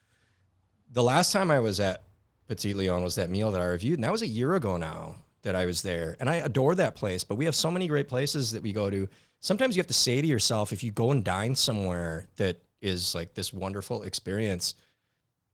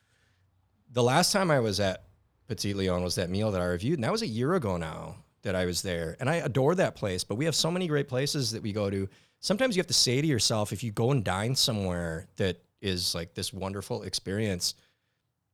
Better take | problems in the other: second | garbled, watery; slightly

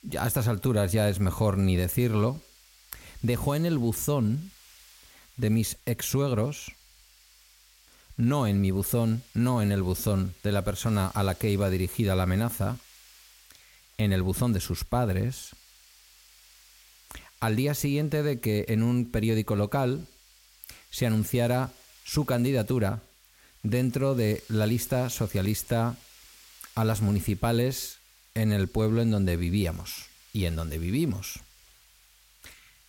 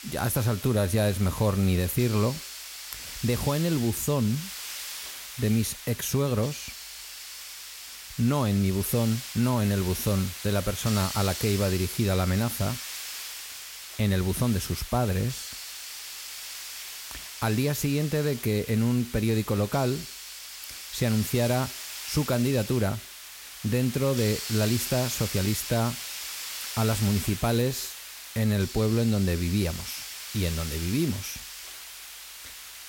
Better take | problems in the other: first | hiss; loud; throughout; 9 dB below the speech; faint in the first

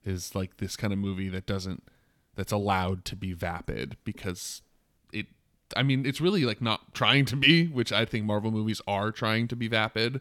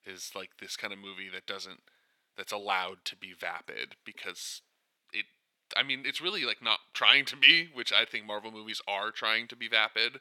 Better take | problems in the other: first | thin; very; fading below 500 Hz

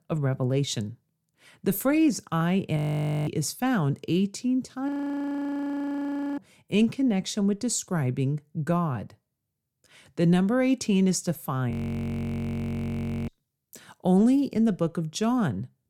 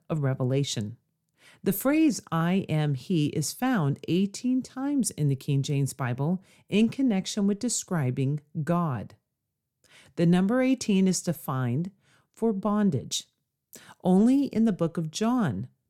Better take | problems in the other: second | audio freezing; at 3 s for 0.5 s, at 5 s for 1.5 s and at 12 s for 1.5 s

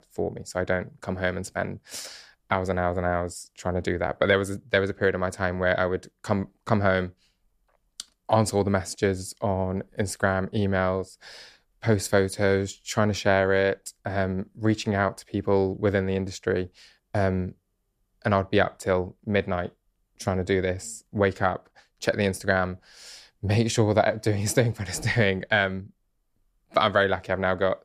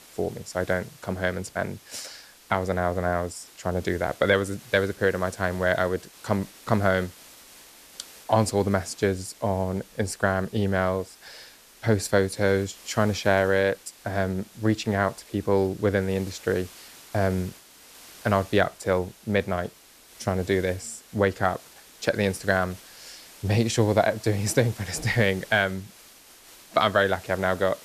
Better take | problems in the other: first | hiss; faint; throughout; 20 dB below the speech

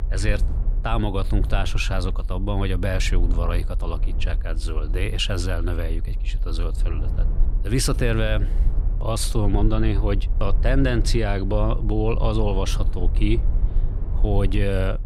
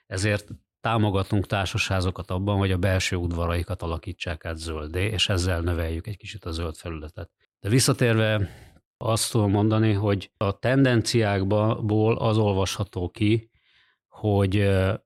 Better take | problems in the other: second | low rumble; noticeable; throughout; 15 dB below the speech

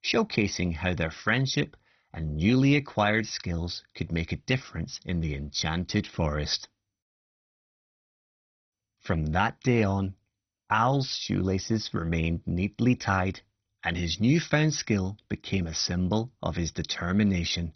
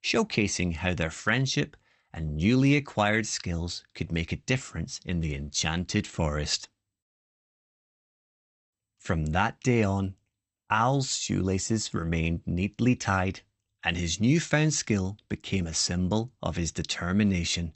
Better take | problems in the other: second | garbled, watery; badly; nothing above 6 kHz; slightly in the second

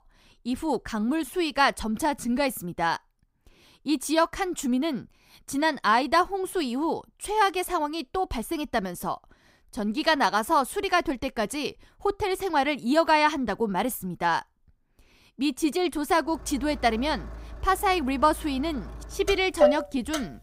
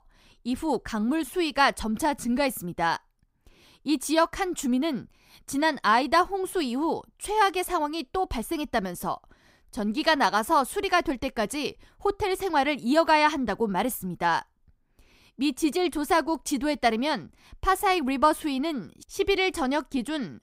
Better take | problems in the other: second | traffic noise; loud; from 16 s on; 6 dB below the speech

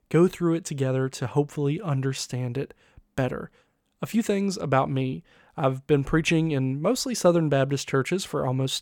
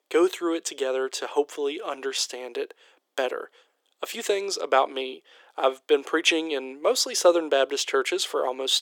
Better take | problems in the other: first | thin; very; fading below 350 Hz

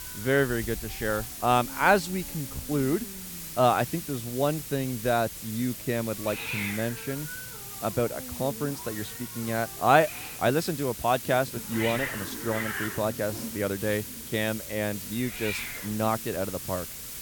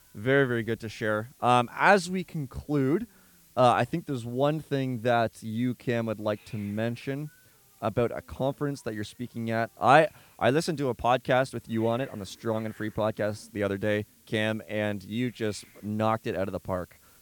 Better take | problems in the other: second | hiss; loud; throughout; 7 dB below the speech; faint in the second

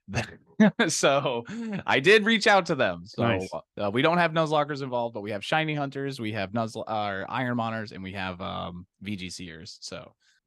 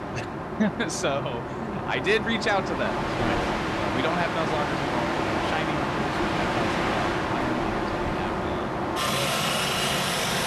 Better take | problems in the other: first | train or aircraft noise; very loud; throughout; 3 dB above the speech

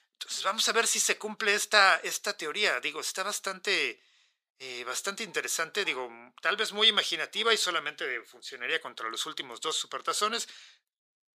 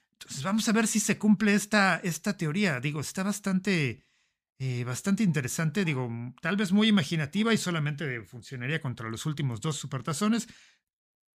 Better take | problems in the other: second | thin; very; fading below 450 Hz

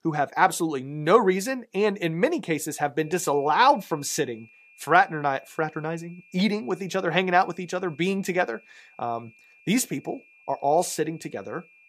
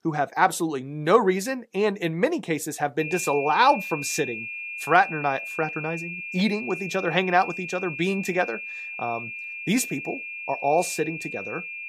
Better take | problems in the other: first | high-pitched whine; loud; from 3 s on; 2.5 kHz, 8 dB below the speech; faint in the first

